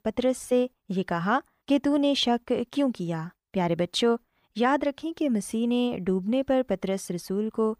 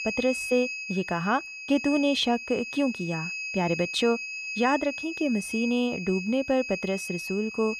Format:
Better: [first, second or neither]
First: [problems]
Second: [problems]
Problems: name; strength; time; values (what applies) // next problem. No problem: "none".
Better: first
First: none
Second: high-pitched whine; loud; throughout; 2.5 kHz, 6 dB below the speech